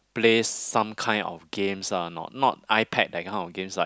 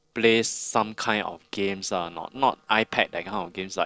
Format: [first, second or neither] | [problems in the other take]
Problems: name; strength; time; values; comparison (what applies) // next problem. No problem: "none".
first | noise reduction (neural separator model SepFormer DNS4)